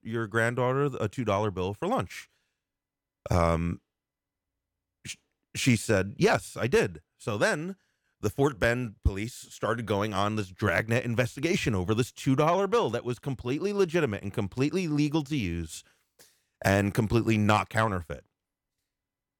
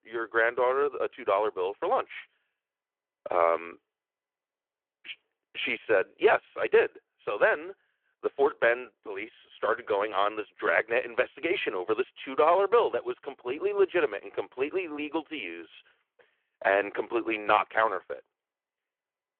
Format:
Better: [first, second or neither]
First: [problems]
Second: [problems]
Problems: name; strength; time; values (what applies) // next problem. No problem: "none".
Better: first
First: none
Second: phone-call audio